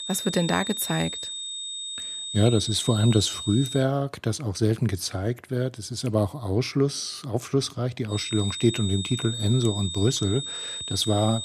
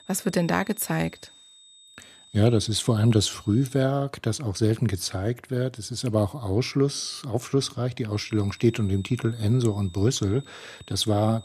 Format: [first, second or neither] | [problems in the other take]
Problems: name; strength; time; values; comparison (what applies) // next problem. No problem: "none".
second | high-pitched whine; loud; until 4 s and from 8 s on; 3.5 kHz, 6 dB below the speech; faint in the second